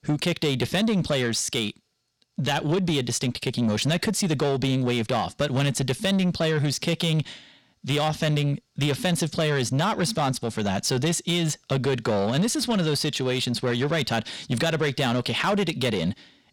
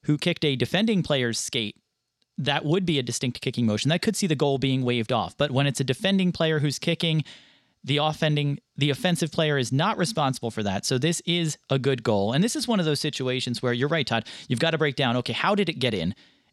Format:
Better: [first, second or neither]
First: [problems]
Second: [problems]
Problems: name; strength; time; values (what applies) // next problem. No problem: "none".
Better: second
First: distortion; slight; 10 dB below the speech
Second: none